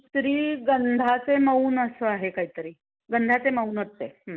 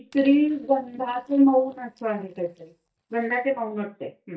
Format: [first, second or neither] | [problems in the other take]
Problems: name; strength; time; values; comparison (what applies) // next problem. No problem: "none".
first | noise reduction (neural mask model DeepFilterNet 3)